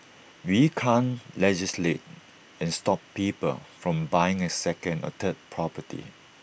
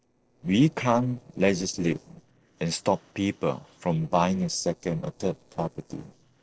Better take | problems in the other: first | noise reduction (neural separator model SepFormer DNS4)

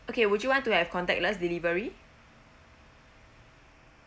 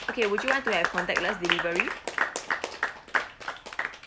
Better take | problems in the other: first | background sound (Applause / Clapping); 1 dB above the speech

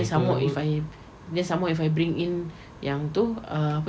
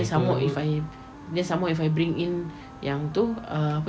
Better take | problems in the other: first | background sound (Wind instrument, woodwind instrument); 20 dB below the speech

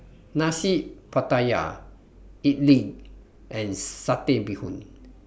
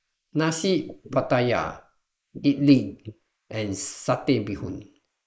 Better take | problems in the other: first | noise reduction (neural mask model Resemble Enhance denoiser)

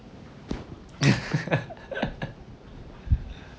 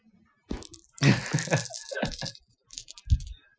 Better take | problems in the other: first | noise reduction (classical method Wiener filter)

